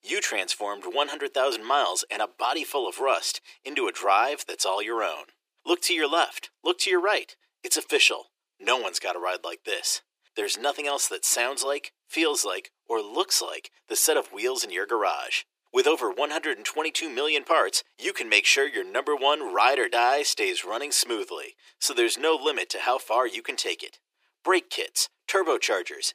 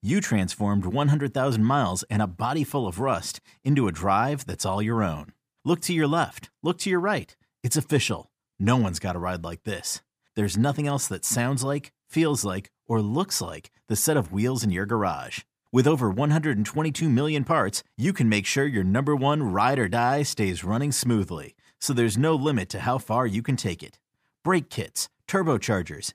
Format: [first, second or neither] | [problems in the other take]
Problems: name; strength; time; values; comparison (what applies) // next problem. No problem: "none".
second | thin; very; fading below 350 Hz